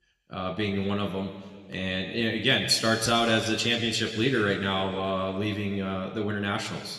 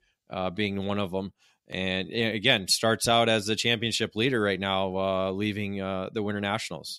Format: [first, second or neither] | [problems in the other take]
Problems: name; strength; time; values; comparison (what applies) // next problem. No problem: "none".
second | room echo; slight; dies away in 2 s